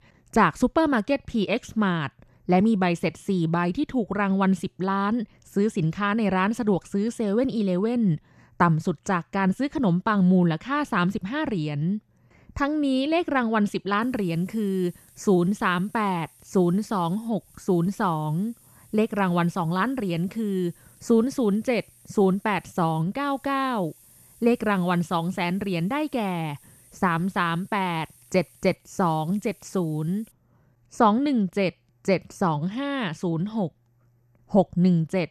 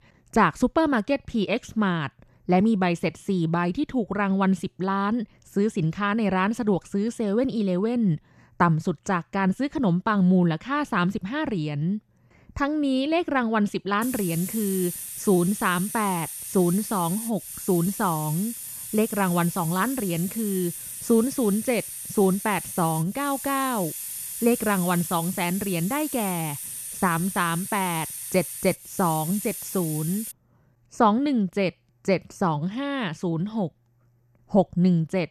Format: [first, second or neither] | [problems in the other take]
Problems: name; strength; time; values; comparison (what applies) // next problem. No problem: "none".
first | hiss; loud; from 14 to 30 s; 8 dB below the speech; faint in the first